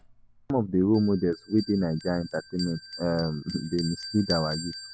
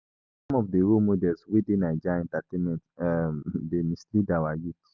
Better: second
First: background sound (Bell); 13 dB below the speech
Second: none

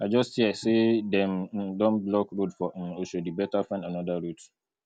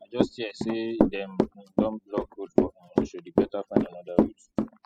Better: first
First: none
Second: noise reduction (classical method spectral subtraction)

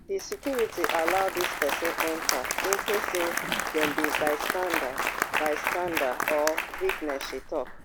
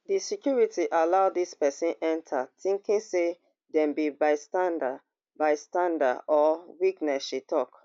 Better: second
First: background sound (Applause); as loud as the speech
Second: none

